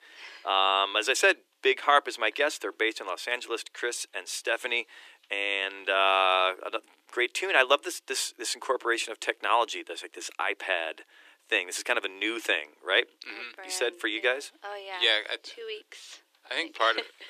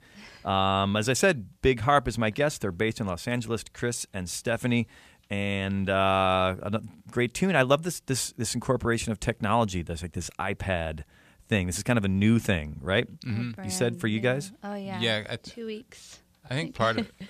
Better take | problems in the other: second | thin; very; fading below 300 Hz

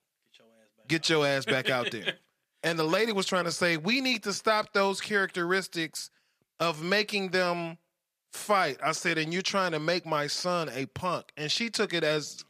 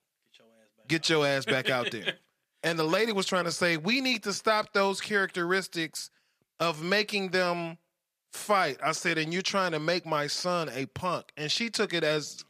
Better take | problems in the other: neither | none

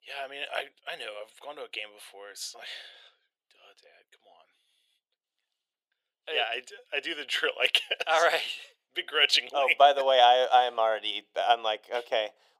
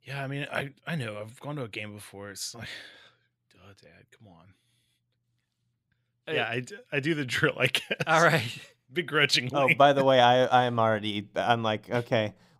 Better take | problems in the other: second | thin; very; fading below 450 Hz

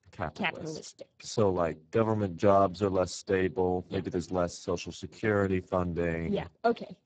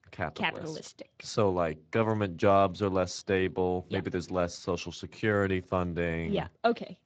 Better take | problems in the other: second | garbled, watery; badly; nothing above 7.5 kHz; slightly in the second

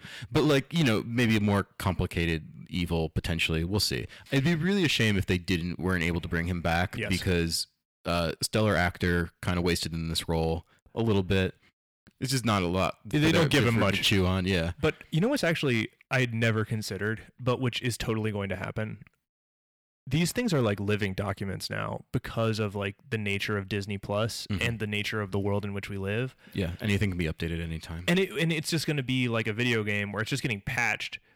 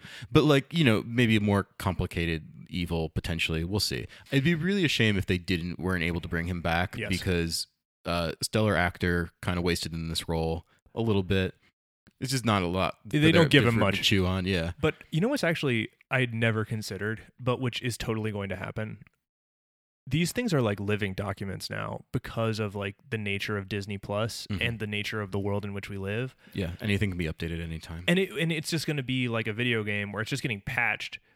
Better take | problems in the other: second | distortion; slight; 3% of the sound clipped

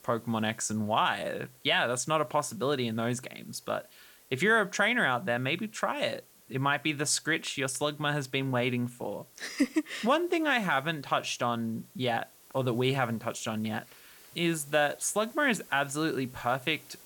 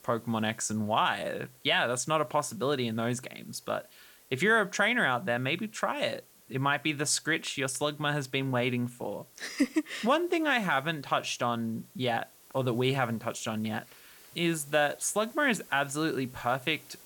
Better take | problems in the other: neither | hiss; faint; throughout; 25 dB below the speech; the same in both

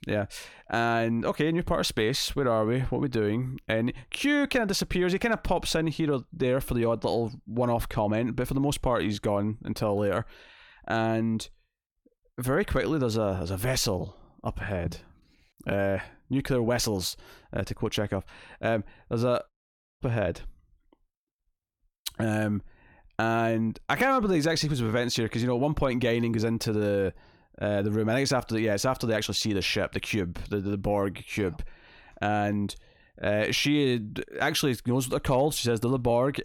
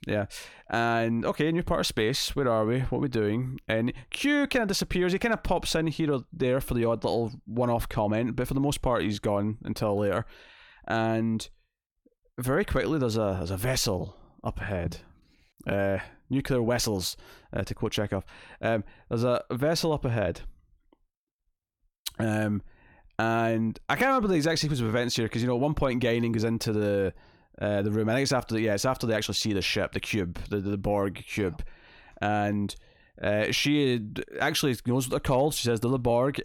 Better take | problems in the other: second | audio cutting out; at 20 s for 0.5 s

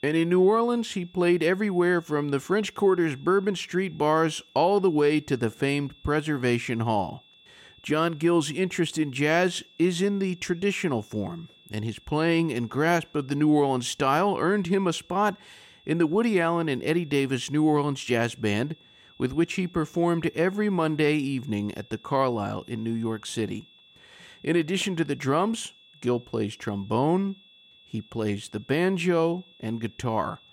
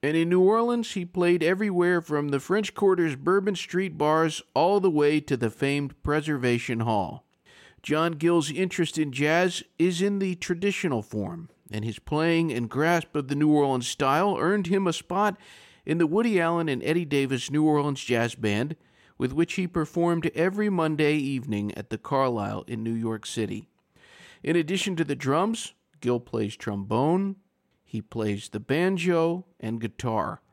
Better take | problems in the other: second | high-pitched whine; faint; throughout; 3.5 kHz, 30 dB below the speech

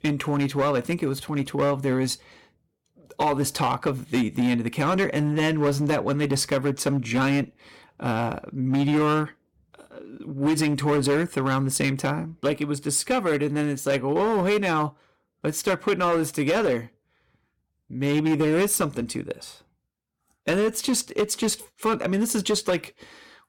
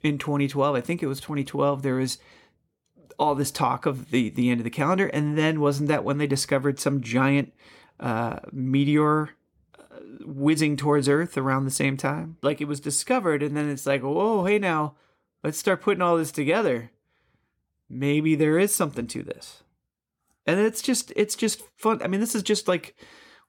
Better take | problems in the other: second | distortion; slight; 9% of the sound clipped

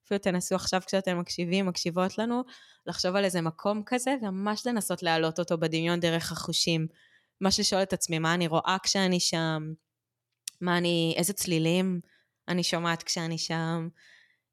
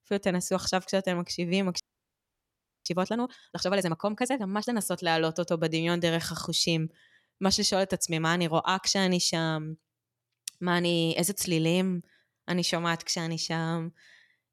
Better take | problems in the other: first | audio freezing; at 2 s for 1 s

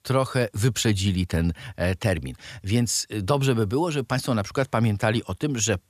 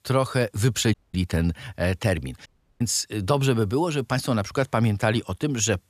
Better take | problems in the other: first | audio cutting out; at 1 s and at 2.5 s

